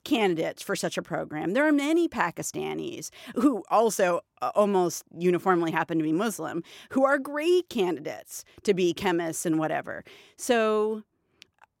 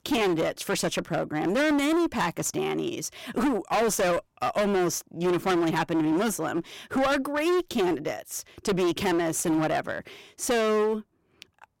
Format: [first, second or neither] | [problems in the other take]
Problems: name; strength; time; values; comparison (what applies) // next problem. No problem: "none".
first | distortion; heavy; 20% of the sound clipped